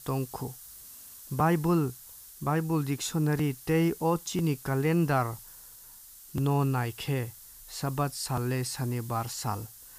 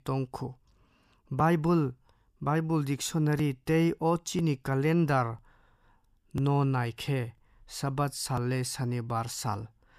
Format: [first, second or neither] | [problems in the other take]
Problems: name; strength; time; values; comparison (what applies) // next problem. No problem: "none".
second | hiss; noticeable; throughout; 15 dB below the speech